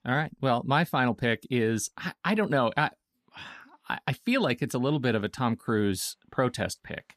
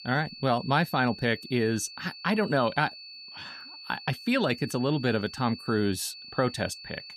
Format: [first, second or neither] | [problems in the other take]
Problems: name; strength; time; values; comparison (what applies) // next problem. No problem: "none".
first | high-pitched whine; noticeable; throughout; 4.5 kHz, 15 dB below the speech